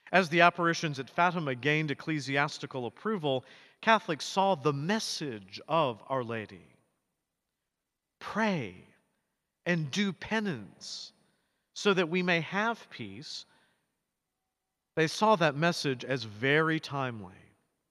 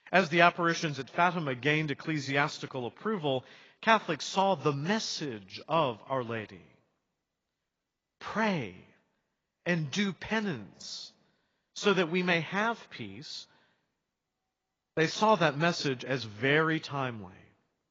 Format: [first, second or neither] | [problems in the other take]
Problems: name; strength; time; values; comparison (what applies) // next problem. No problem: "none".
first | garbled, watery; badly; nothing above 6.5 kHz